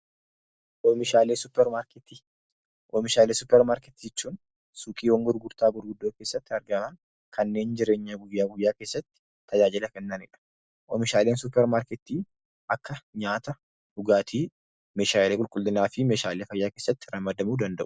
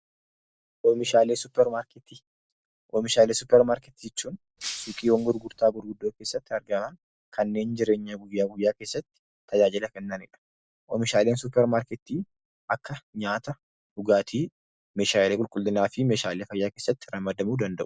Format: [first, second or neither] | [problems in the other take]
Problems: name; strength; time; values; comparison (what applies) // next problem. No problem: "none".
first | background sound (Shatter); 13 dB below the speech